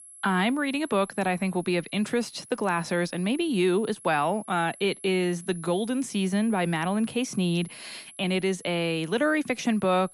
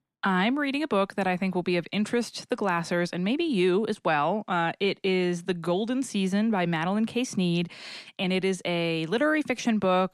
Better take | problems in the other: second | high-pitched whine; noticeable; throughout; 11 kHz, 20 dB below the speech

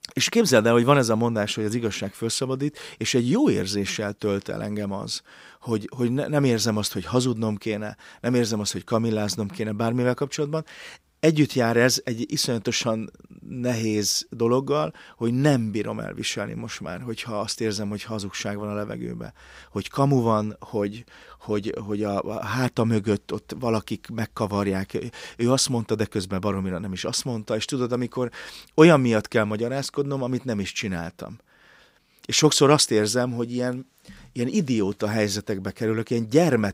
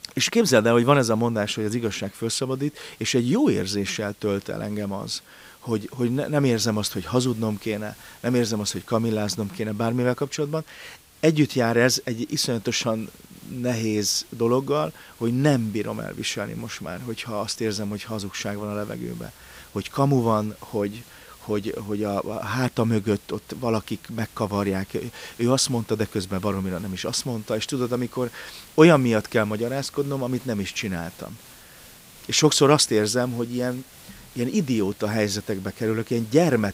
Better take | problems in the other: first | hiss; faint; throughout; 25 dB below the speech

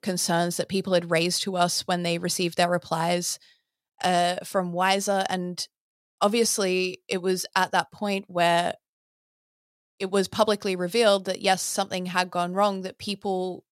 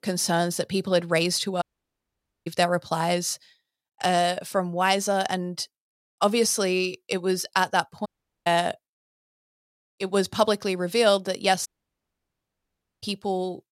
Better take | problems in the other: first | audio cutting out; at 1.5 s for 1 s, at 8 s and at 12 s for 1.5 s

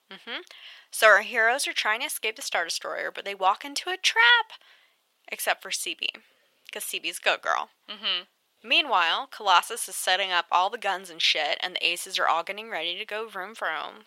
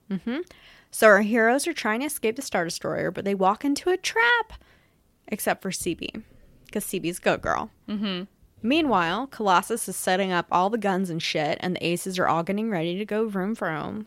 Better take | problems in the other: second | thin; very; fading below 800 Hz

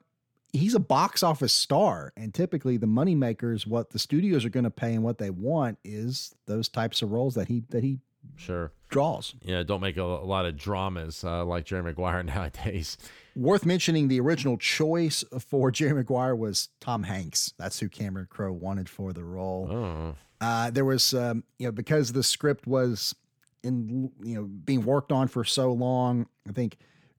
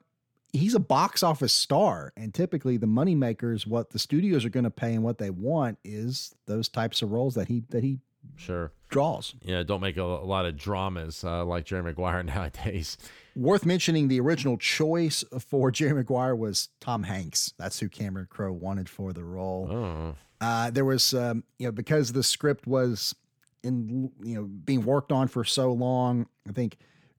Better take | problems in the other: neither | none

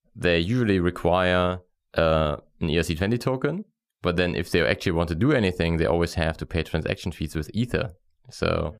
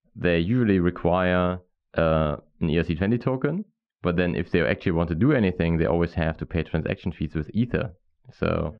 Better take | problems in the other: first | muffled; slightly; fading above 3 kHz

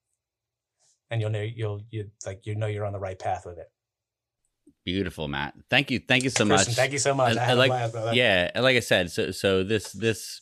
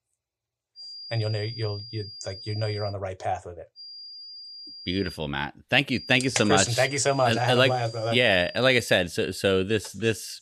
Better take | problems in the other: first | high-pitched whine; noticeable; from 1 to 3 s, from 4 to 5 s and from 6 to 9 s; 5 kHz, 15 dB below the speech

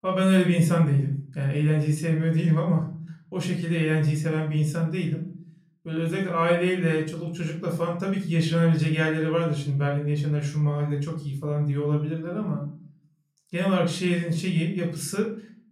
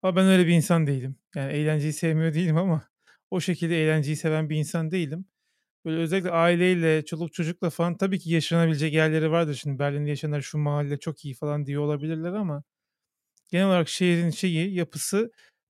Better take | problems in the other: second | off-mic speech; somewhat distant // room echo; slight; dies away in 0.4 s

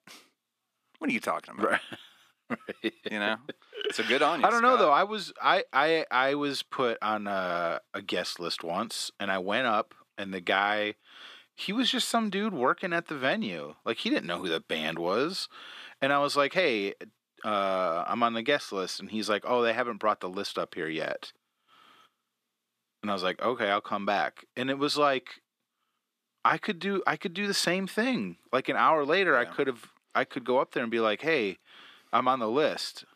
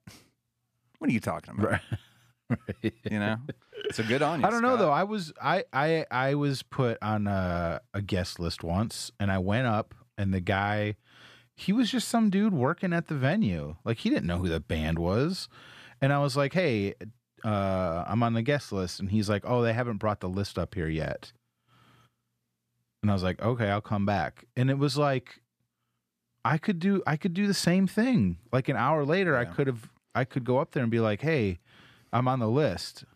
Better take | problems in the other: second | thin; somewhat; fading below 300 Hz

